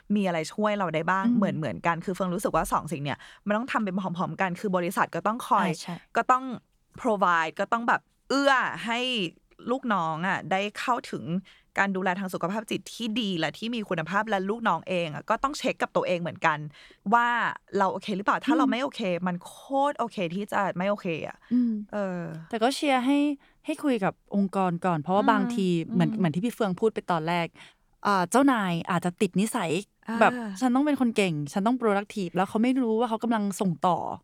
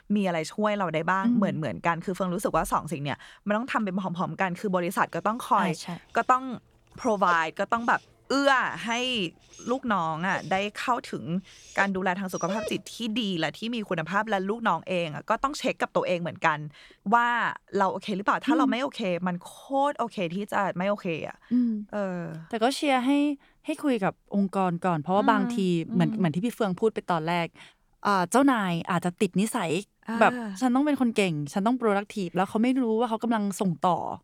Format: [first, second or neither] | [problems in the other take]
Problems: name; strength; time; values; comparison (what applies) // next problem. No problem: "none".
first | dog barking; noticeable; from 7 to 13 s; peak 8 dB below the speech